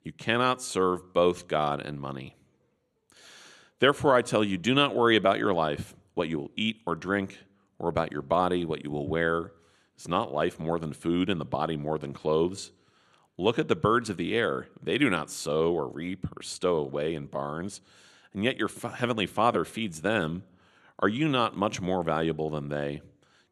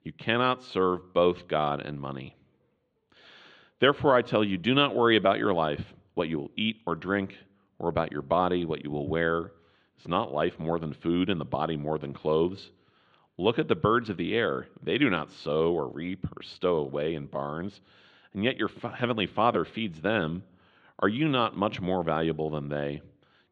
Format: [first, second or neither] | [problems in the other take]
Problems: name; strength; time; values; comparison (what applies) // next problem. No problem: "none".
first | muffled; slightly; fading above 3.5 kHz